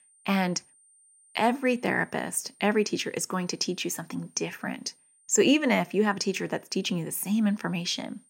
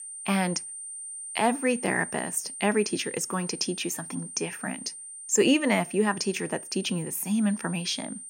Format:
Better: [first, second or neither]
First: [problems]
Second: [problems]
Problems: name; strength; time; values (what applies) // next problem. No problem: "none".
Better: first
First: high-pitched whine; faint; throughout; 9 kHz, 30 dB below the speech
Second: high-pitched whine; loud; throughout; 9 kHz, 10 dB below the speech